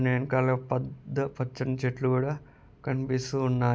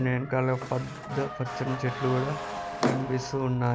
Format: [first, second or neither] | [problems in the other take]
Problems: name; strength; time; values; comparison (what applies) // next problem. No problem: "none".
first | background sound (Motor vehicle (road) / Siren + Drawer open or close); 6 dB below the speech